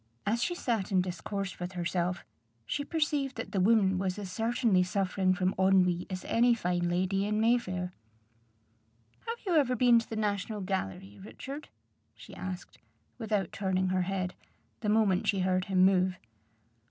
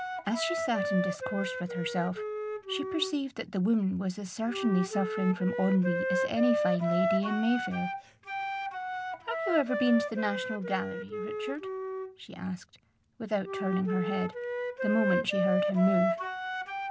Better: first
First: none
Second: background sound (Wind instrument, woodwind instrument); 2 dB below the speech

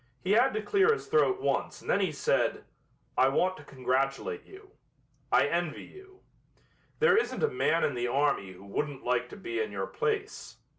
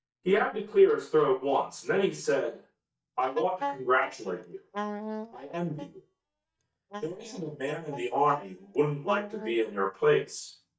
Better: first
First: none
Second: noise reduction (neural mask model DeepFilterNet 3)

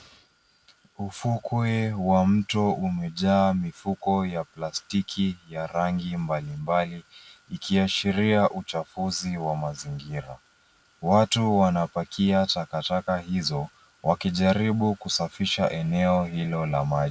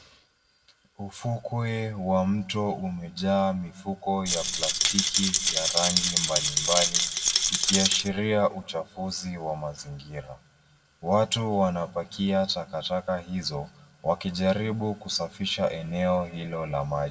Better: first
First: none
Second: background sound (Rattle); 3 dB above the speech // room echo; dies away in 0.6 s

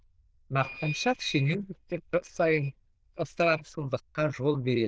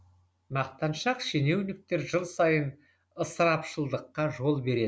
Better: second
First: noise reduction (neural diffusion model UNIVERSE++)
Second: none

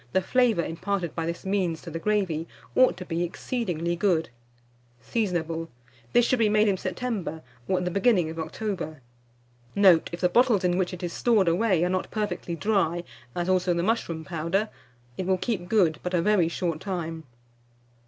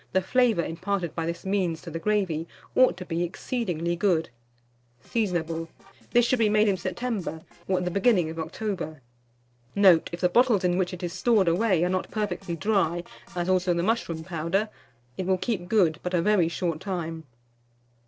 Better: first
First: none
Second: noise reduction (neural separator model SepFormer DNS4)

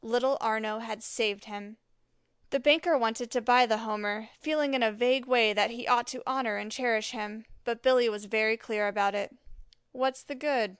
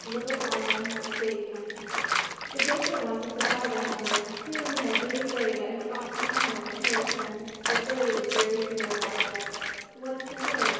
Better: first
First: none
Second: background sound (Bathtub (filling or washing) / Water); 1 dB above the speech // room echo; dies away in 2.2 s

